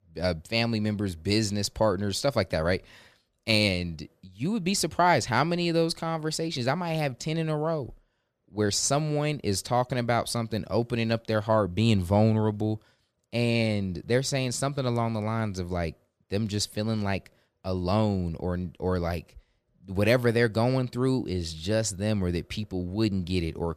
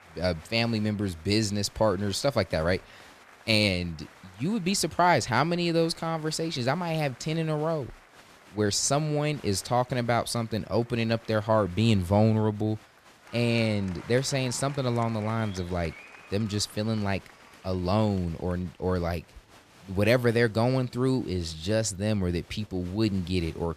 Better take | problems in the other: first | crowd noise; faint; throughout; 25 dB below the speech

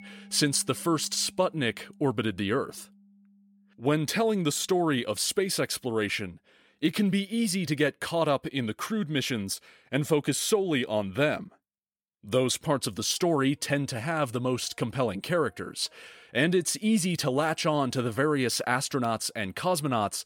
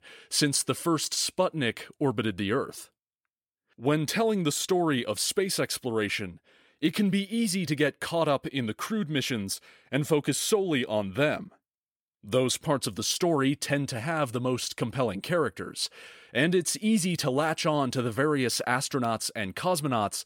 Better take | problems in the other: second | background music; faint; throughout; 30 dB below the speech

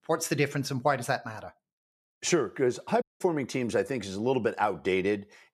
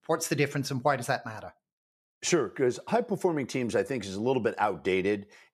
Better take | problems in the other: second | audio cutting out; at 3 s

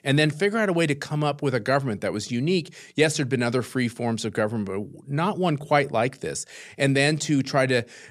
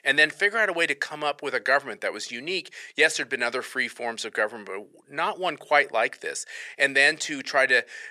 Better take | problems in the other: first | thin; very; fading below 550 Hz

